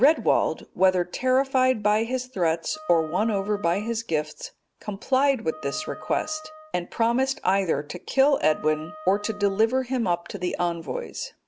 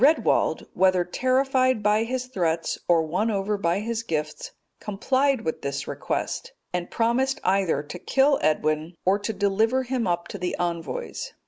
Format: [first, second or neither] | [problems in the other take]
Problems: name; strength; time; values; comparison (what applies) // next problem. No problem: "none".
second | background sound (Wind instrument, woodwind instrument); 19 dB below the speech